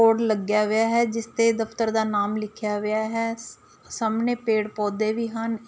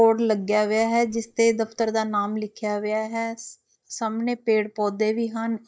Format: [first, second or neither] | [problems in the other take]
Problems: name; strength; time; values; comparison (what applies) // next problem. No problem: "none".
first | noise reduction (neural mask model DeepFilterNet 3)